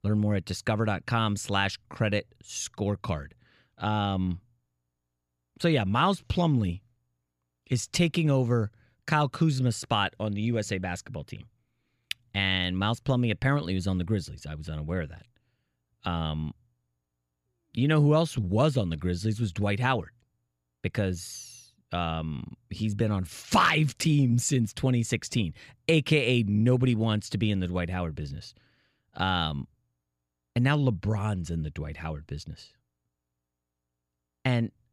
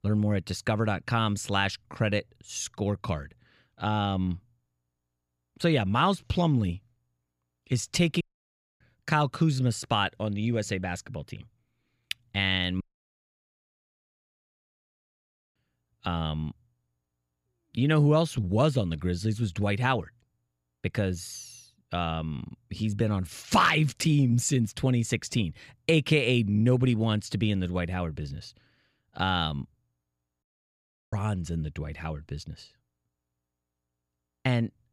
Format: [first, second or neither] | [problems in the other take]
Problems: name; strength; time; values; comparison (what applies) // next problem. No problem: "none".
first | audio cutting out; at 8 s for 0.5 s, at 13 s for 2.5 s and at 30 s for 0.5 s